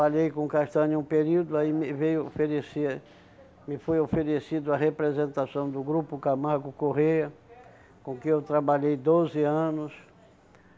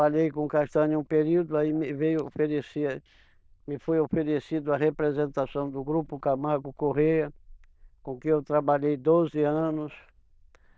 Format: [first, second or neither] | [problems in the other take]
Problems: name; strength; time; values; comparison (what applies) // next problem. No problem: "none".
first | noise reduction (neural diffusion model UNIVERSE++)